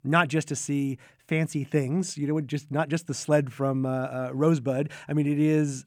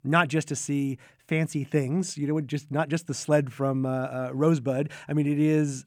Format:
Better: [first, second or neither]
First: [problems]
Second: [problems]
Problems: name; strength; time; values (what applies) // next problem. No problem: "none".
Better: neither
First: none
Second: none